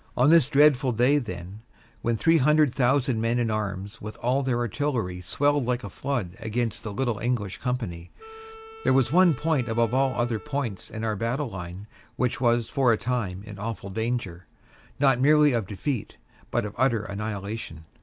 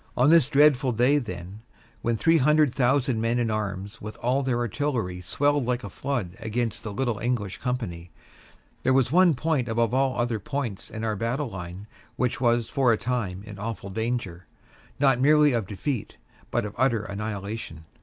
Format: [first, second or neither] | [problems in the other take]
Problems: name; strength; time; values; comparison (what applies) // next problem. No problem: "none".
second | background sound (Wind instrument, woodwind instrument); 19 dB below the speech